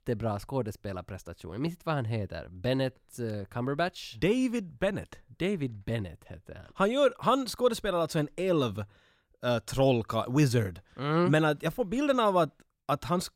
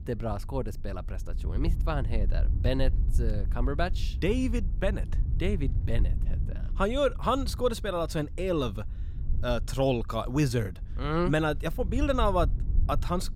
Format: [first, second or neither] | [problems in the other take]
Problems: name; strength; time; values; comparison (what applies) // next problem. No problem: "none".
first | wind noise on the microphone; occasional gusts; 20 dB below the speech